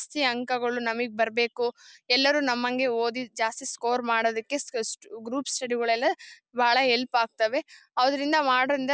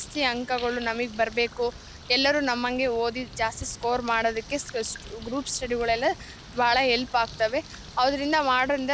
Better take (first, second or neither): first